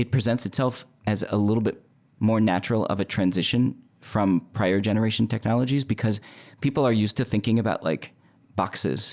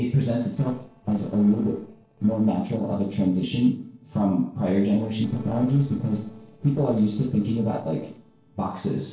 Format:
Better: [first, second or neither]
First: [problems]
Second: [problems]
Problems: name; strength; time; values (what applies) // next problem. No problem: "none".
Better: first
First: none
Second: noise reduction (neural separator model SepFormer DNS4)